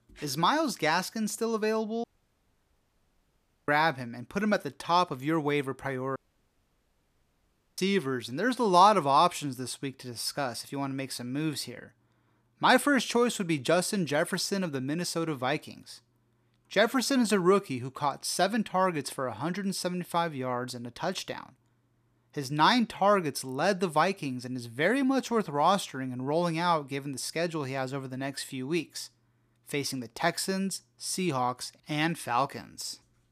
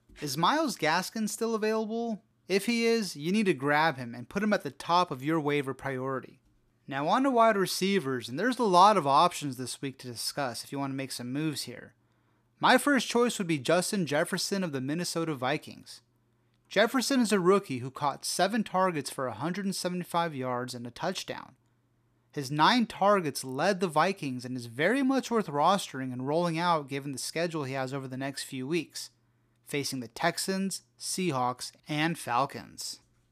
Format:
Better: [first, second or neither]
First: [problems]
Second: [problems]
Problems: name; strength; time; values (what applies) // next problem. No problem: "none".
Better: second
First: audio cutting out; at 2 s for 1.5 s and at 6 s for 1.5 s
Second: none